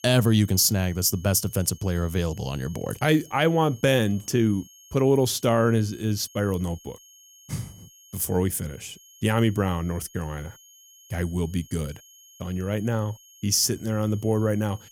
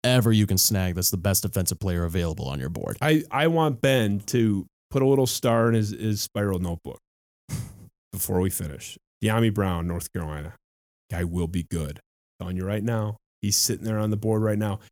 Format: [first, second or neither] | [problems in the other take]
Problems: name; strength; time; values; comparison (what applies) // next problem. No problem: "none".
second | high-pitched whine; faint; throughout; 6.5 kHz, 25 dB below the speech